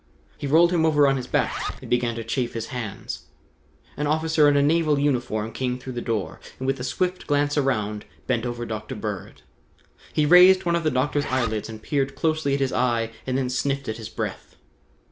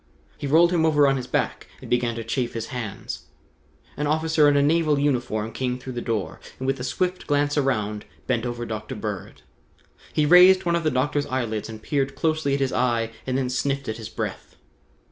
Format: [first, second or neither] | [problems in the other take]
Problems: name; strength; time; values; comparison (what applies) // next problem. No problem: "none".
second | background sound (Zipper (clothing)); 14 dB below the speech